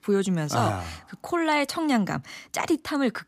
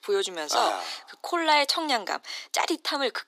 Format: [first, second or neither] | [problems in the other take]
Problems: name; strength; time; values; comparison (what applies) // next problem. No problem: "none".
first | thin; very; fading below 350 Hz